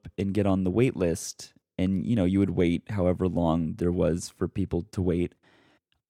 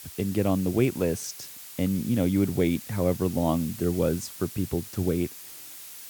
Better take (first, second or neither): first